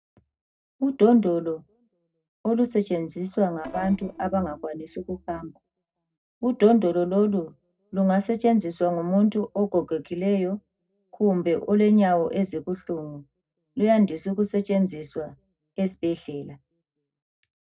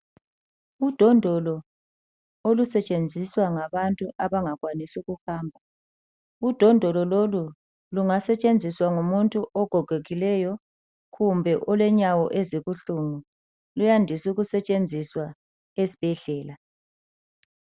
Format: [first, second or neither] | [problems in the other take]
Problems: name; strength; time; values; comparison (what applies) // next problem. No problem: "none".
second | noise reduction (neural separator model SepFormer DNS4)